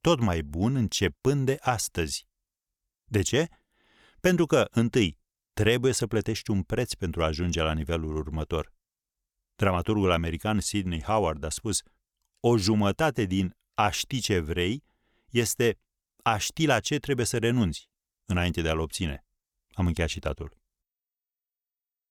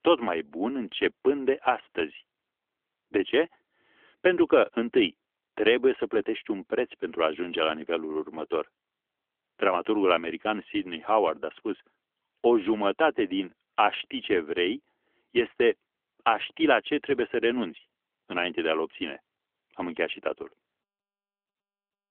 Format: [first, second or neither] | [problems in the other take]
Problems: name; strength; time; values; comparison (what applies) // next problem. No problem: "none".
first | phone-call audio; nothing above 3.5 kHz